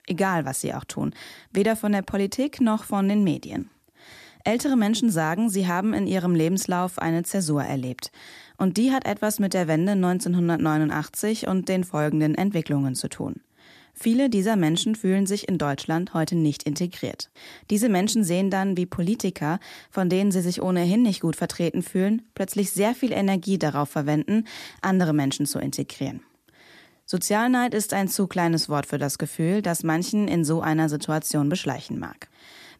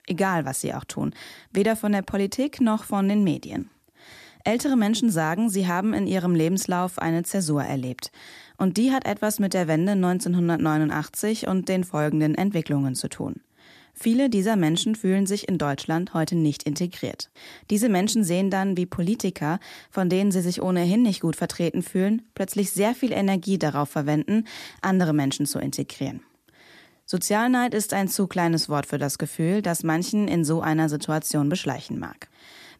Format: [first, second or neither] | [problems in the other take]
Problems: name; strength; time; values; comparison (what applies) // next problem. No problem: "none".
neither | none